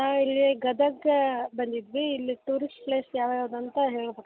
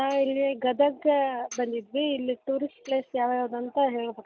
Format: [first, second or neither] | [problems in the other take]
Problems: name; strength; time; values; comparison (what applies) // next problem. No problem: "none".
first | noise reduction (neural mask model DeepFilterNet 3)